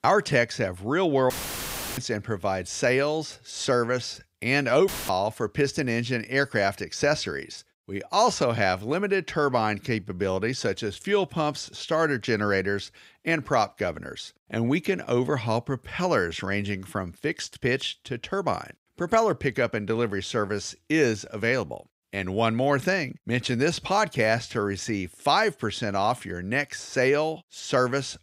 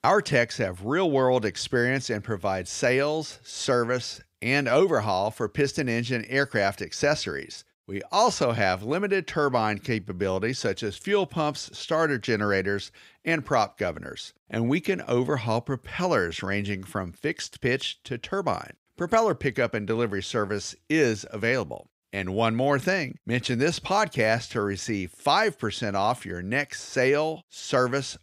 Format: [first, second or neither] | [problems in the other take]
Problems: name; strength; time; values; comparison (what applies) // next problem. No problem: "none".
second | audio cutting out; filled with static; at 1.5 s for 0.5 s and at 5 s